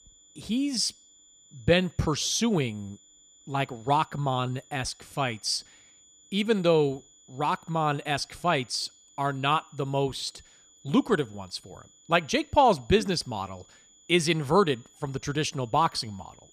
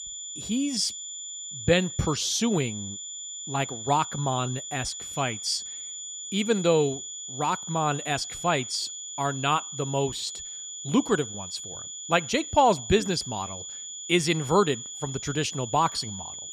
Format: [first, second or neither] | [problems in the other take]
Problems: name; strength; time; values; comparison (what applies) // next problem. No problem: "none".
first | high-pitched whine; loud; throughout; 7 kHz, 8 dB below the speech; faint in the first